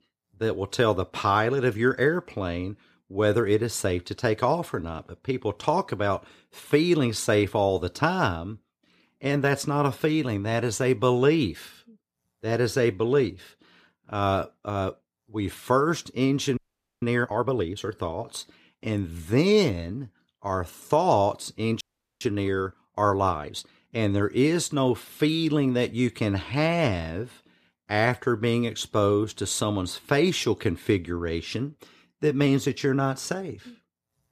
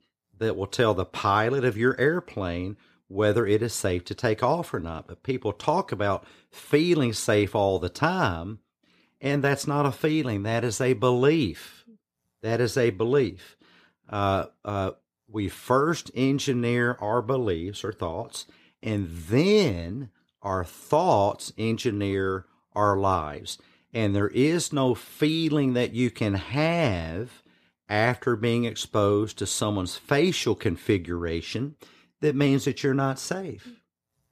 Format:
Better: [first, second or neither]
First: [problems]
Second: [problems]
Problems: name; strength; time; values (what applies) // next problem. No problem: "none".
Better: second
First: audio freezing; at 17 s and at 22 s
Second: none